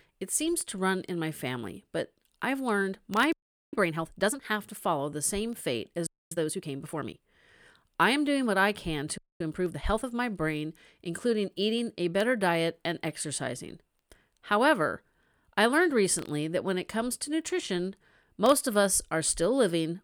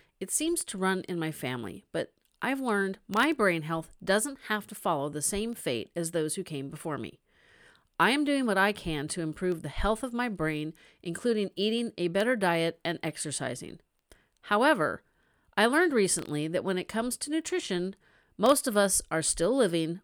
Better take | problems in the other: second | audio freezing; at 3.5 s, at 6 s and at 9 s

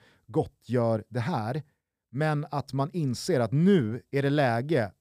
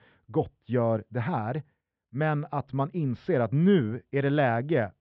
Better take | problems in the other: first | muffled; very; fading above 3 kHz

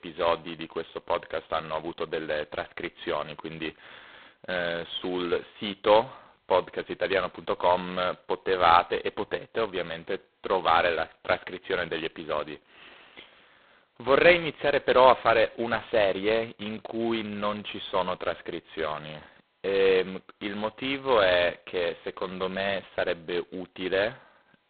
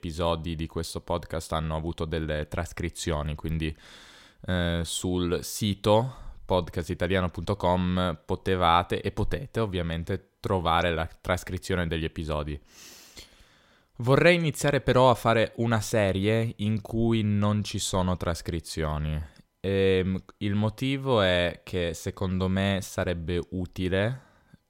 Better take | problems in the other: second | phone-call audio; poor line; nothing above 4 kHz

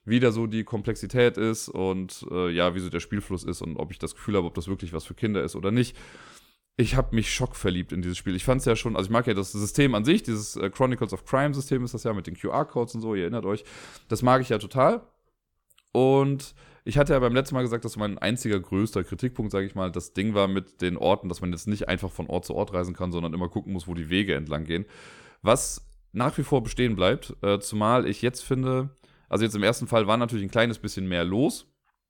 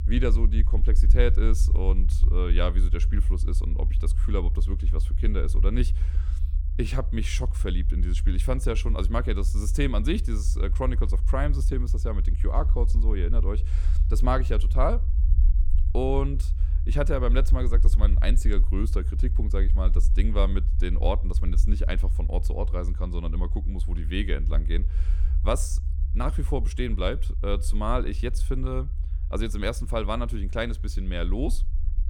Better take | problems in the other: first | low rumble; noticeable; throughout; 15 dB below the speech

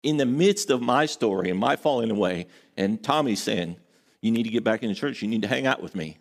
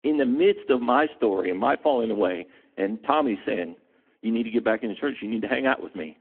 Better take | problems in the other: first | phone-call audio

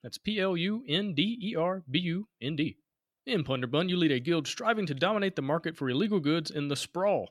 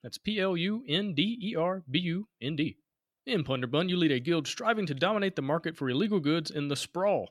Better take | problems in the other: neither | none

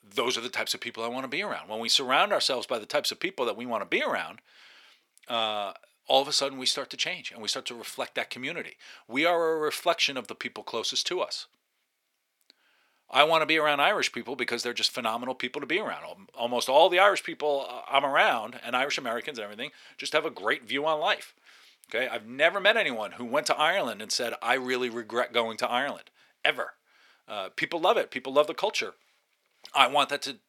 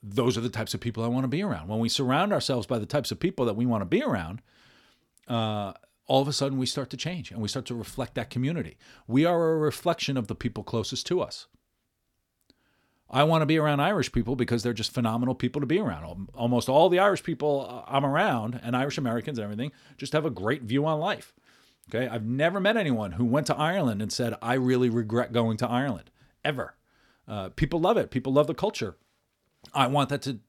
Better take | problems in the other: second | thin; somewhat; fading below 550 Hz

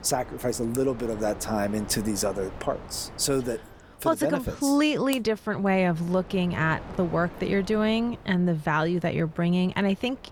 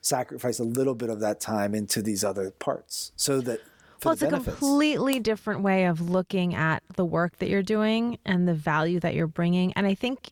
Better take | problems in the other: second | wind noise on the microphone; occasional gusts; 15 dB below the speech

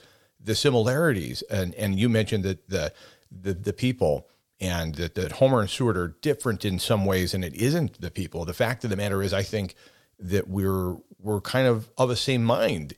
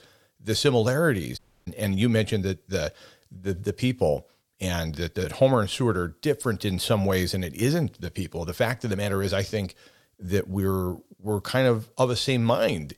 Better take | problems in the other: first | audio cutting out; at 1.5 s

